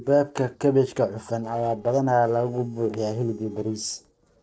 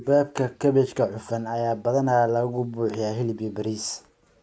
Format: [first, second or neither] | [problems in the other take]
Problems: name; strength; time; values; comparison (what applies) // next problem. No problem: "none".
second | noise reduction (neural separator model SepFormer DNS4)